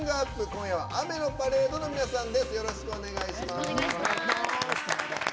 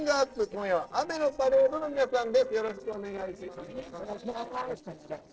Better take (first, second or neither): first